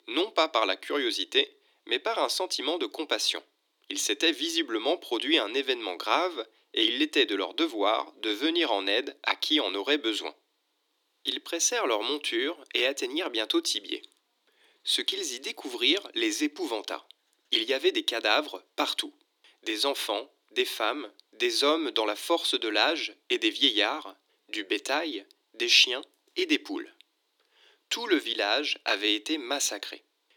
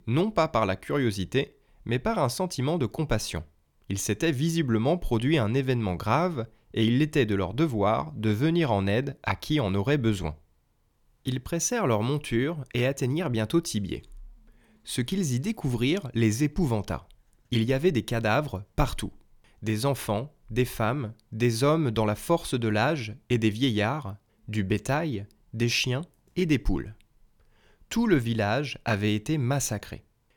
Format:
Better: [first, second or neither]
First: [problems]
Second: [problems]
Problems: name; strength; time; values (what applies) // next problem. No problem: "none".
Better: second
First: thin; somewhat; fading below 300 Hz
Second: none